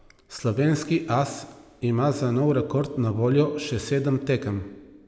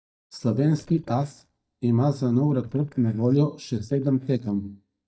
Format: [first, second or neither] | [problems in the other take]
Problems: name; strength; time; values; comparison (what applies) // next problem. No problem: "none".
first | noise reduction (neural mask model DeepFilterNet 3)